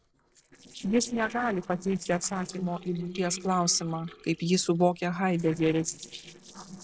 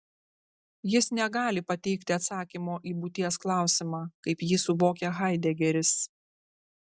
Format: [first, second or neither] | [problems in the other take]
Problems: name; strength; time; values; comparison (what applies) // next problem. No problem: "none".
second | noise reduction (neural separator model SepFormer DNS4)